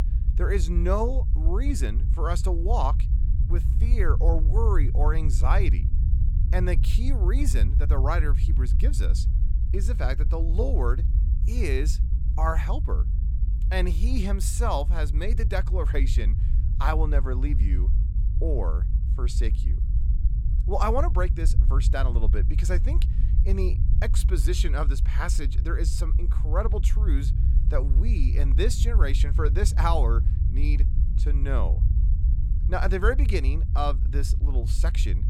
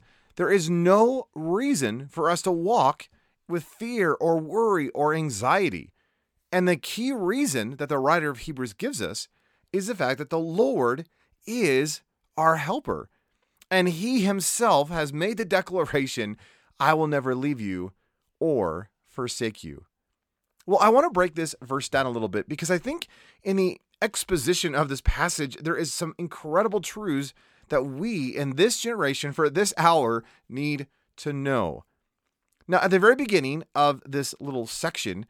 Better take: second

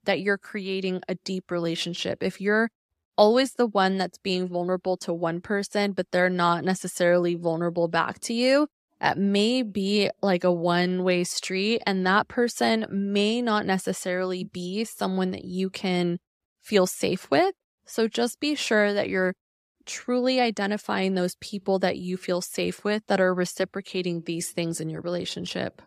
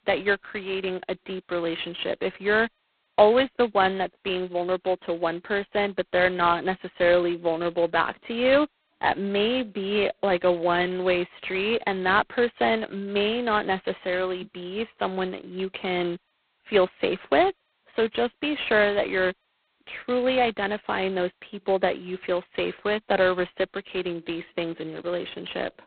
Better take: first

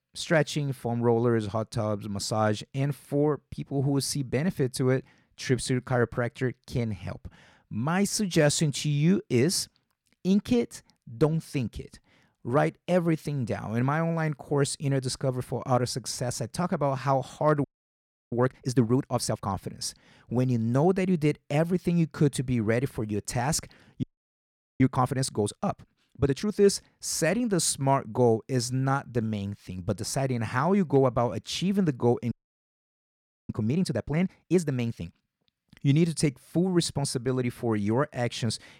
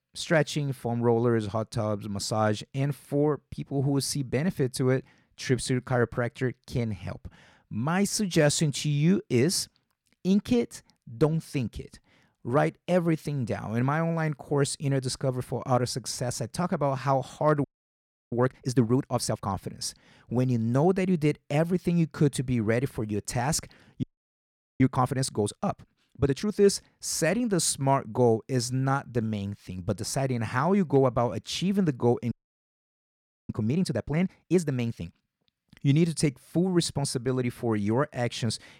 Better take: neither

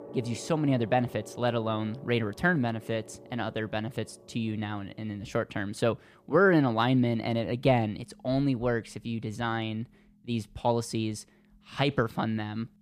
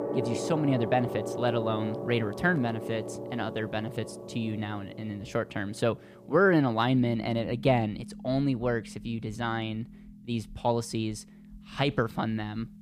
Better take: first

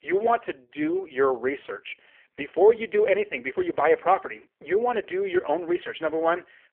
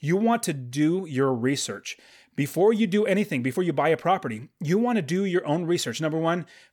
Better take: second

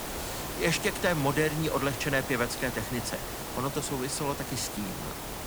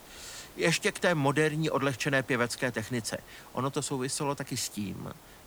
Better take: second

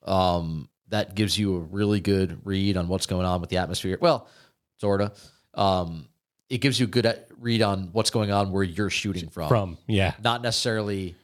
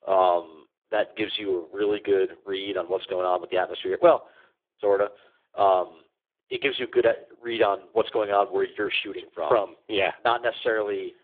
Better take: first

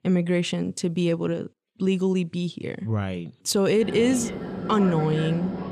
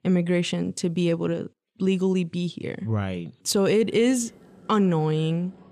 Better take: second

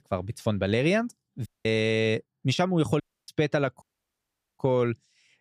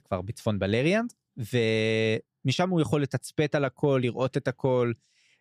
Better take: second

